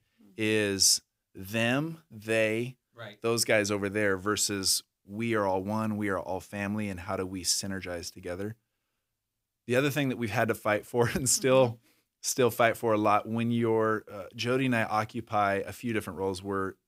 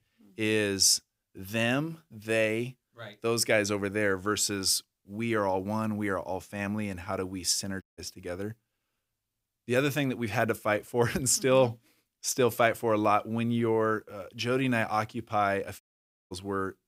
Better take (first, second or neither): first